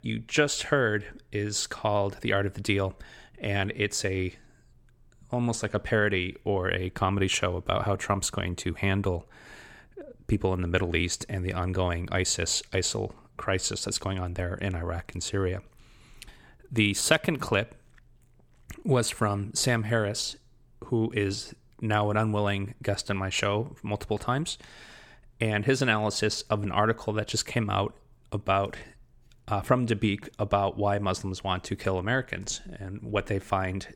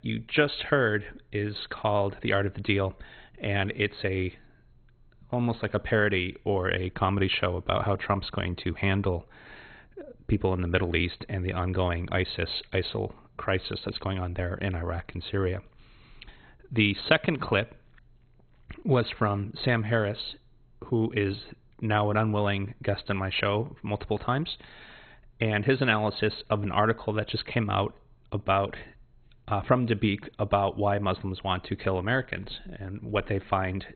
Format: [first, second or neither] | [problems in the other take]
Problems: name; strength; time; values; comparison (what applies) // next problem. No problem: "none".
first | garbled, watery; badly; nothing above 4 kHz